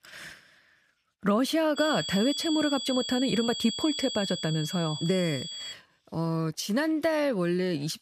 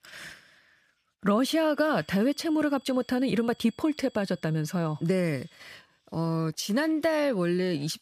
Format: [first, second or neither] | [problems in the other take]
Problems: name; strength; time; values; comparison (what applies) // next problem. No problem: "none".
second | high-pitched whine; loud; from 2 to 5.5 s; 3.5 kHz, 5 dB below the speech; faint in the second